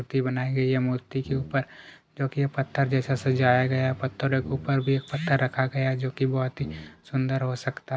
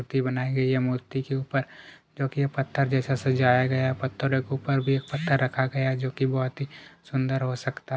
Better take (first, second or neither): second